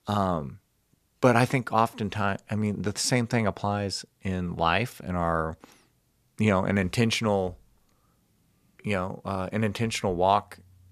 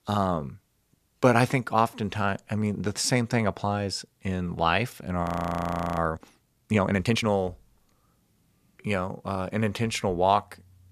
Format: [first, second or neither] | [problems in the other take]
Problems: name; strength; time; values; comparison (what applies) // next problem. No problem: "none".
first | audio freezing; at 5 s for 0.5 s